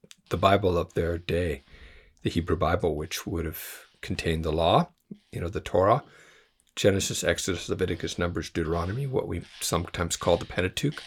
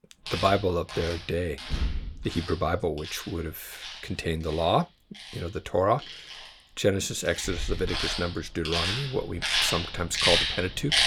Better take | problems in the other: first | machinery noise; loud; throughout; 1 dB below the speech; faint in the first

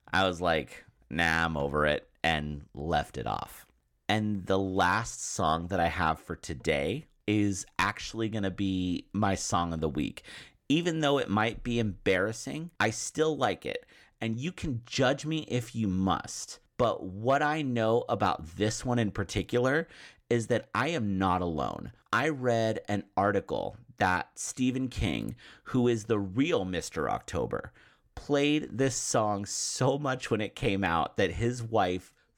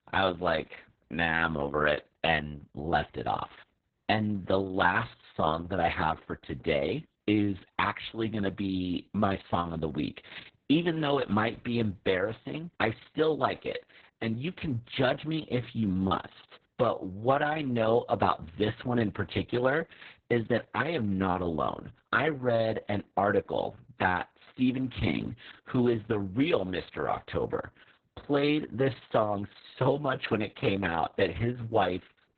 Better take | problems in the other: first | garbled, watery; badly; nothing above 4 kHz

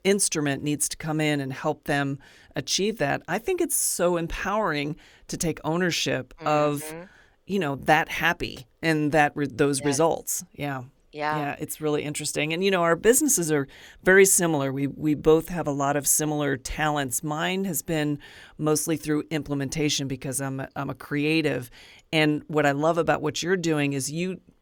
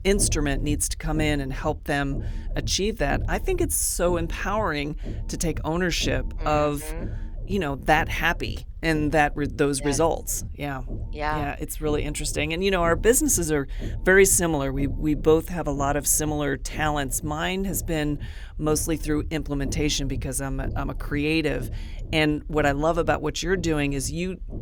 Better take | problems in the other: first | low rumble; faint; throughout; 20 dB below the speech

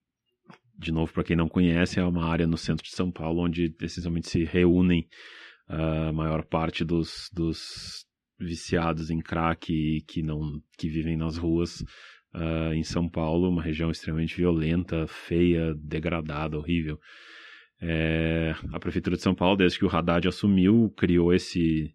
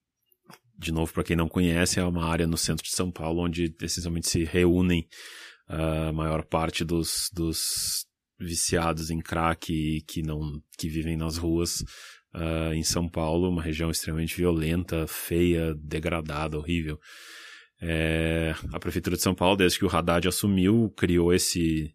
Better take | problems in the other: second | muffled; slightly; fading above 3 kHz

